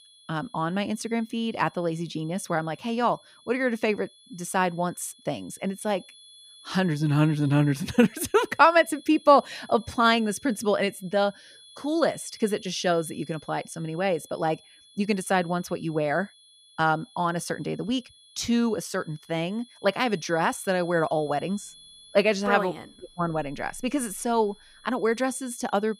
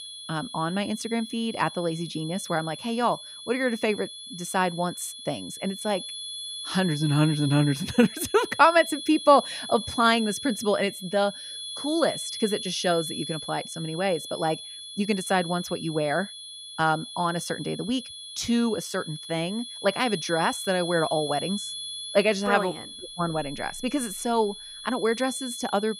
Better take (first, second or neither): first